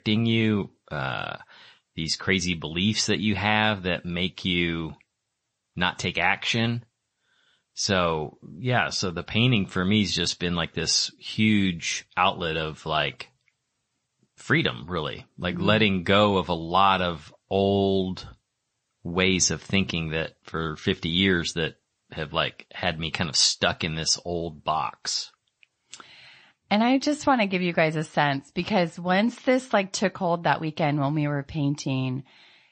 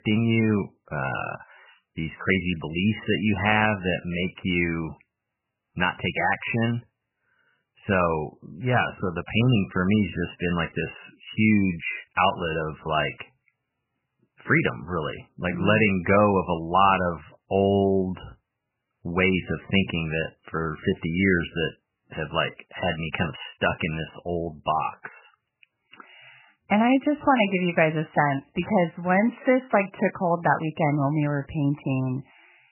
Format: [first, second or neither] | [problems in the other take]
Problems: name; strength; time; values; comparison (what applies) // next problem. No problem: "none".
first | garbled, watery; badly; nothing above 3 kHz; slightly in the first